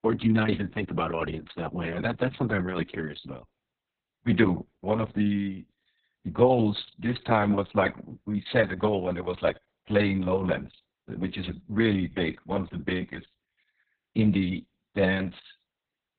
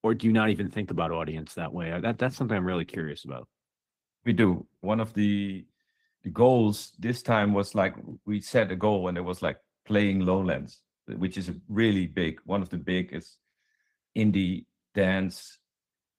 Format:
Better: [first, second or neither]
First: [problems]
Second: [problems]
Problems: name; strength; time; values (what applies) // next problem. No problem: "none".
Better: second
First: garbled, watery; badly; nothing above 4 kHz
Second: garbled, watery; slightly; nothing above 15.5 kHz